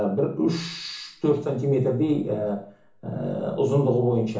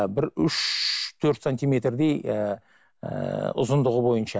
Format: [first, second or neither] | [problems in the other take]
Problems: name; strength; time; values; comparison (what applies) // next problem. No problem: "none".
second | room echo; dies away in 0.8 s